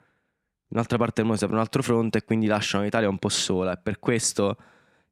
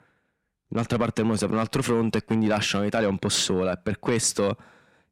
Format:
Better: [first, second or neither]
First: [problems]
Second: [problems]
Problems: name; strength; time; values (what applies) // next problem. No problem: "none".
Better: first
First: none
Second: distortion; slight; 10 dB below the speech